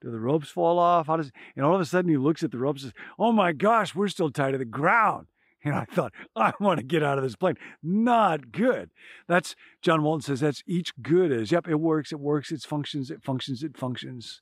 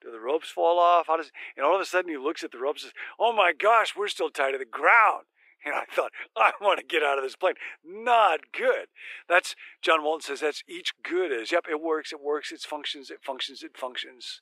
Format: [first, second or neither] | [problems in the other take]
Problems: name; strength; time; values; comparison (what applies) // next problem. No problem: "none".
first | thin; very; fading below 400 Hz